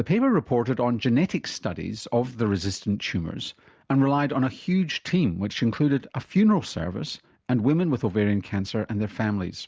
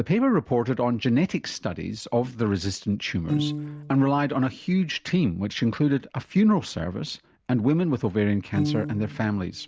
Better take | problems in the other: first | background sound (Piano); 12 dB below the speech

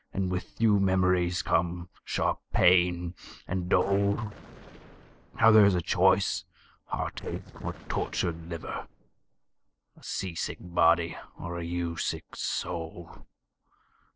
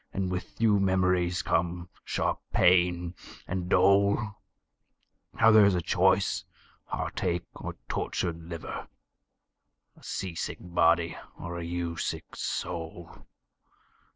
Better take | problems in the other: second | noise reduction (neural separator model SepFormer DNS4)

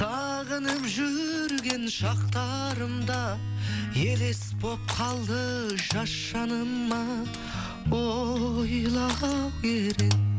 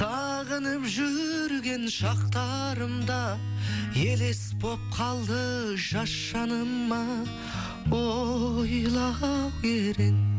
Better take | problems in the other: second | background sound (Crushing); 14 dB below the speech

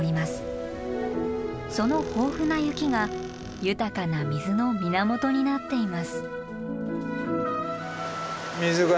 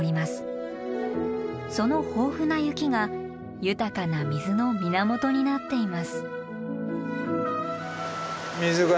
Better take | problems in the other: second | background sound (Boom + Tools); 19 dB below the speech

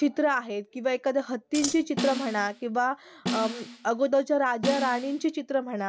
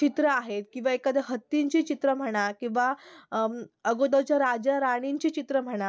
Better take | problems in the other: second | background sound (Scissors + Snare drum); 8 dB below the speech

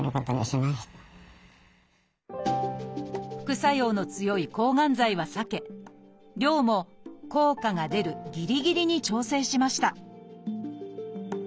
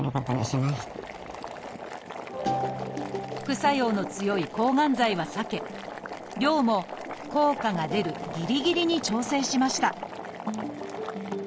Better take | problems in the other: first | background sound (Boiling); 10 dB below the speech

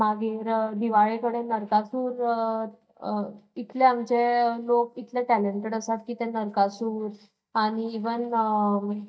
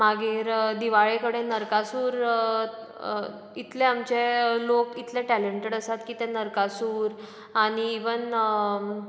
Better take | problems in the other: second | noise reduction (neural mask model DeepFilterNet 3)

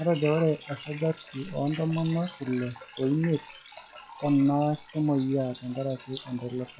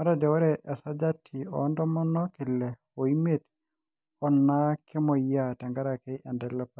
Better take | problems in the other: second | noise reduction (classical method log-MMSE)

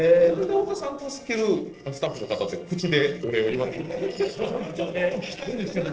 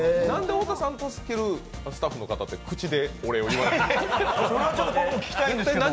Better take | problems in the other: second | noise reduction (neural separator model SepFormer DNS4)

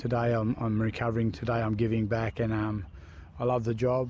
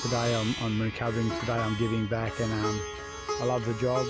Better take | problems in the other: first | background sound (Plucked string instrument); 7 dB below the speech

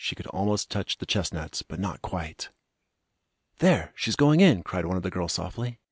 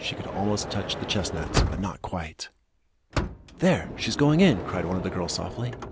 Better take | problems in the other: first | background sound (Sliding door / Motor vehicle (road)); 6 dB below the speech

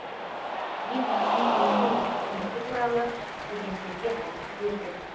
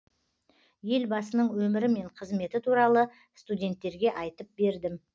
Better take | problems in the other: second | background sound (Cheering); 3 dB above the speech // room echo; dies away in 0.6 s

